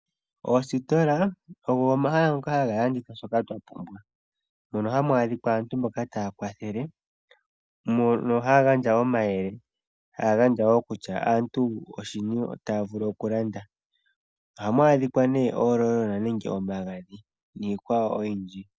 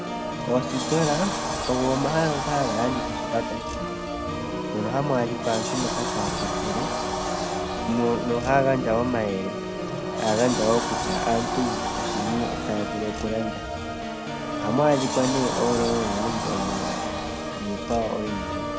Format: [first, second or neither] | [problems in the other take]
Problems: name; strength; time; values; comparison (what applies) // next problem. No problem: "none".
first | background sound (Organ + Sliding door); 1 dB below the speech